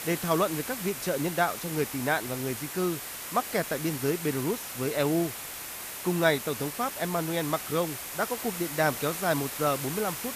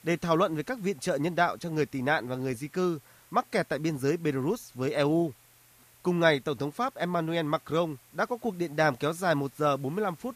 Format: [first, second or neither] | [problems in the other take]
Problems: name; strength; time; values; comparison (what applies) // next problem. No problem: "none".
second | hiss; loud; throughout; 6 dB below the speech; faint in the second